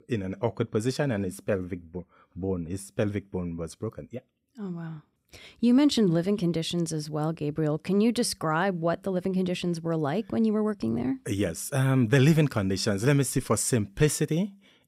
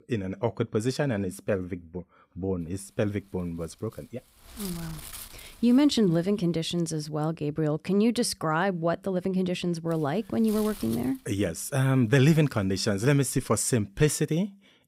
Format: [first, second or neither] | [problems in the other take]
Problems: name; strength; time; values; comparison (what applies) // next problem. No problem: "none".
first | wind noise on the microphone; occasional gusts; from 2.5 to 7 s and from 10 to 13 s; 15 dB below the speech